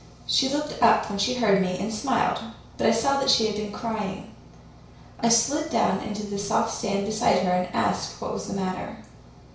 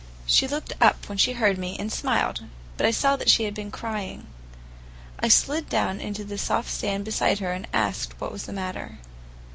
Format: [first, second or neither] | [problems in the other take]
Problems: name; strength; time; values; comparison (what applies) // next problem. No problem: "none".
second | room echo; dies away in 0.6 s